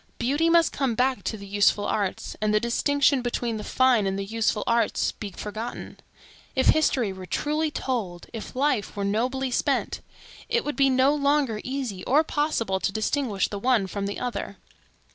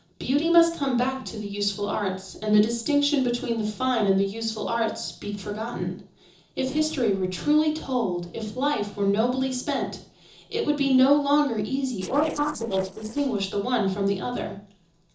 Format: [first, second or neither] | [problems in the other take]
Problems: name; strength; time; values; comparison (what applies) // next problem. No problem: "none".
first | noise reduction (neural separator model SepFormer DNS4)